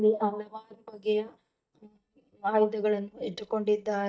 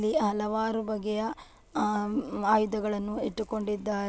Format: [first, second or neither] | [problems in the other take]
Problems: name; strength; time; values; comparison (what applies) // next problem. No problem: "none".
second | noise reduction (neural mask model DeepFilterNet 3)